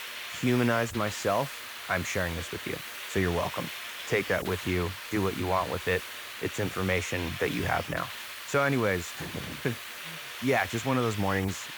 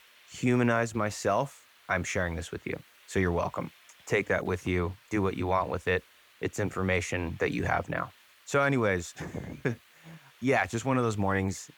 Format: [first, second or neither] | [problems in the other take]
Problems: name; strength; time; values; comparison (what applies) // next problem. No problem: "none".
second | hiss; loud; throughout; 8 dB below the speech; faint in the second